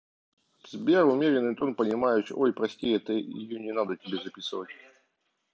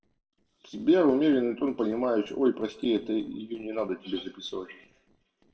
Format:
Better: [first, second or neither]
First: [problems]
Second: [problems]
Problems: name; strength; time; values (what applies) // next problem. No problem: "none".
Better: first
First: none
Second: noise reduction (neural separator model SepFormer DNS4)